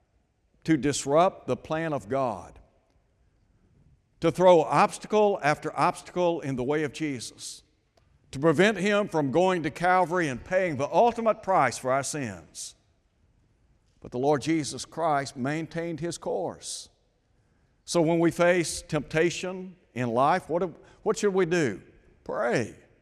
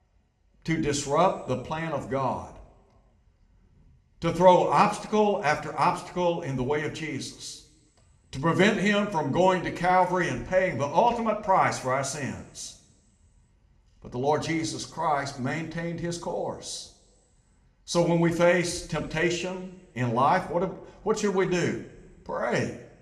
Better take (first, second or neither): first